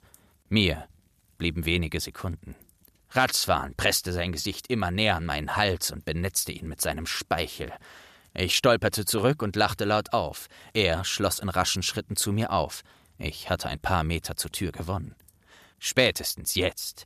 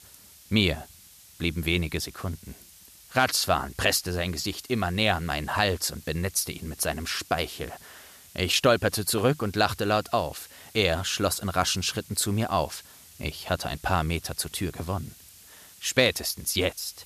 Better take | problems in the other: first | hiss; faint; throughout; 20 dB below the speech

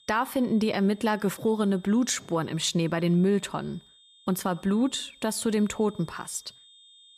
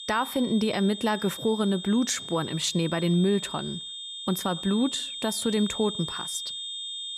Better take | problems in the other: first | high-pitched whine; loud; throughout; 3.5 kHz, 8 dB below the speech; faint in the first

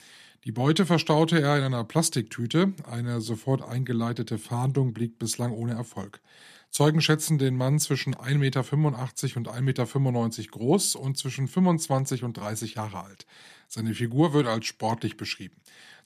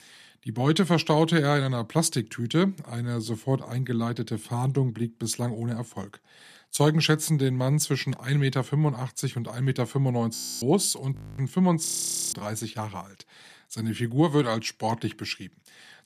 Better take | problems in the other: first | audio freezing; at 10 s, at 11 s and at 12 s

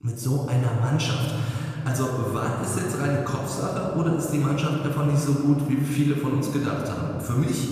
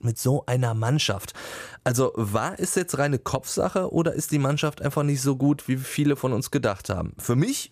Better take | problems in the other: second | off-mic speech; far // room echo; noticeable; dies away in 3 s

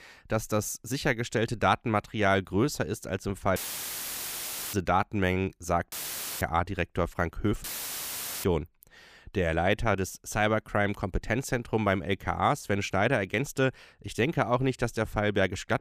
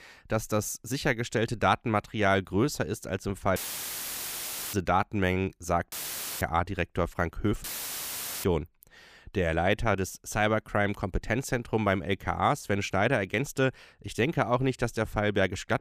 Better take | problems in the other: neither | audio cutting out; filled with static; at 3.5 s for 1 s, at 6 s and at 7.5 s for 1 s; the same in both

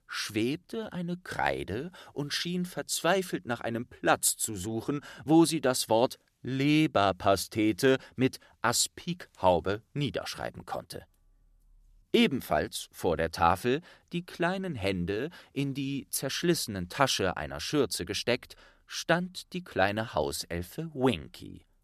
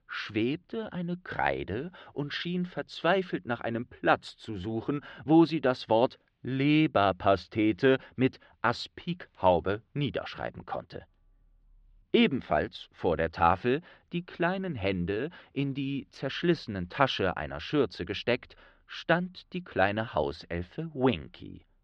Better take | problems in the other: first | muffled; slightly; fading above 3.5 kHz

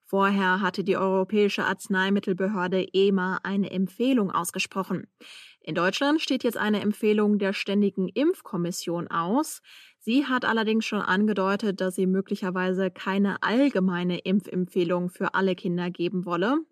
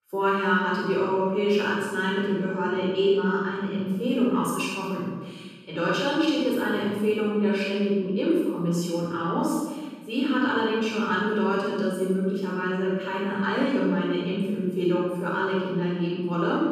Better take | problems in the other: first | off-mic speech; far // room echo; strong; dies away in 1.3 s

